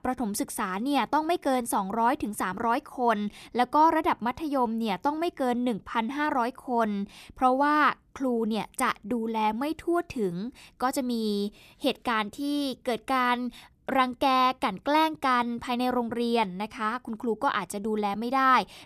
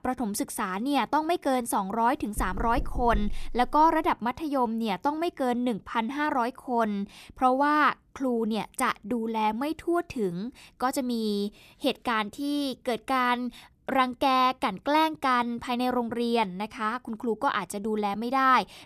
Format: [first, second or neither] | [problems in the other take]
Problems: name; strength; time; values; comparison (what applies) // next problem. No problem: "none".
first | door banging; noticeable; from 2.5 to 4 s; peak 8 dB below the speech